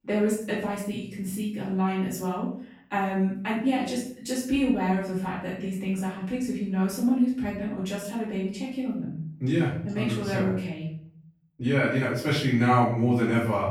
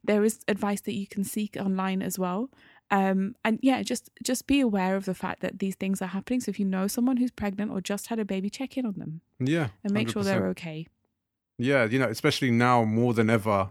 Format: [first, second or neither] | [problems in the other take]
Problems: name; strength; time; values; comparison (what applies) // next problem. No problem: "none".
second | off-mic speech; far // room echo; noticeable; dies away in 0.6 s